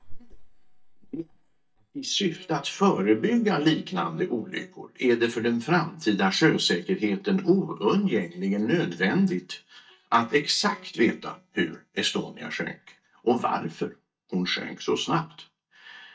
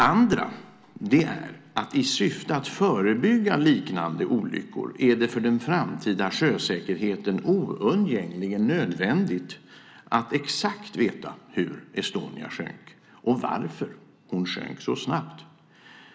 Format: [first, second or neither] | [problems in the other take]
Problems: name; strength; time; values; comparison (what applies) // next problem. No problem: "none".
second | noise reduction (neural mask model DeepFilterNet 3)